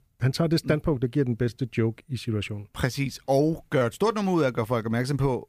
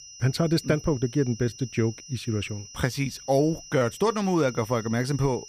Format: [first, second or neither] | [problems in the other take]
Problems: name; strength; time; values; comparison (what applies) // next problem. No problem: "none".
first | high-pitched whine; noticeable; throughout; 6 kHz, 15 dB below the speech